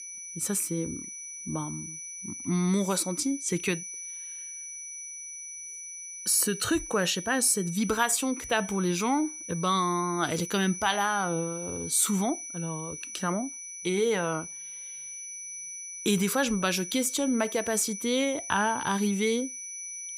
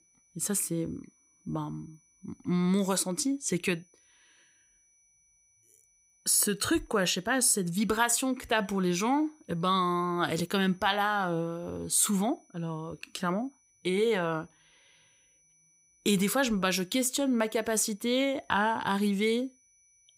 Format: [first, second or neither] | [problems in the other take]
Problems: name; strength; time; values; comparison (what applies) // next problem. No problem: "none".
second | high-pitched whine; loud; throughout; 6 kHz, 9 dB below the speech; faint in the second